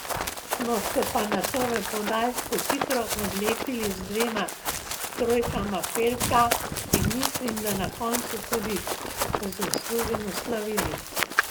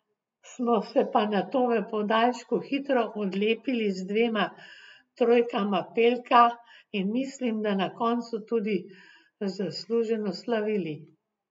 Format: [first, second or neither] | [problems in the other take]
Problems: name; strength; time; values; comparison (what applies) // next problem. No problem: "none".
second | background sound (Run); 1 dB below the speech